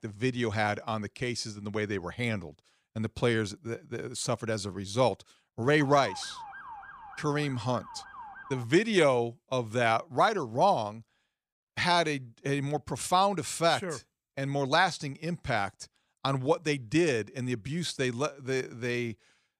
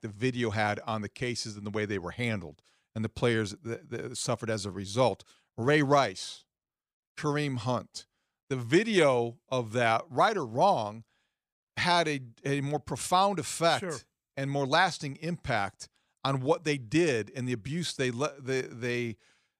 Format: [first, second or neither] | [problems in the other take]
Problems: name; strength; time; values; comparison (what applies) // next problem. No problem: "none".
second | siren; faint; from 6 to 8.5 s; peak 15 dB below the speech